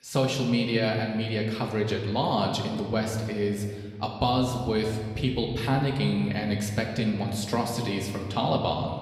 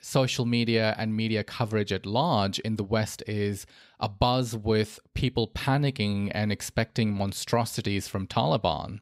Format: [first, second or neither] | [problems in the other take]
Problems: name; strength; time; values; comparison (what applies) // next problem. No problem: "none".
second | room echo; slight; dies away in 1.7 s // off-mic speech; somewhat distant